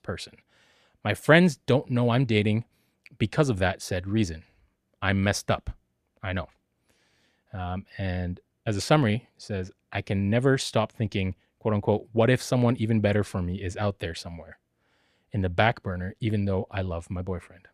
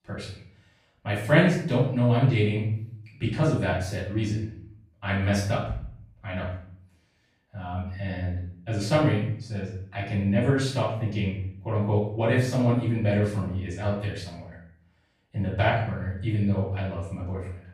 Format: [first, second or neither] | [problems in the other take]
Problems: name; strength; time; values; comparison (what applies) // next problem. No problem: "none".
first | off-mic speech; far // room echo; noticeable; dies away in 0.6 s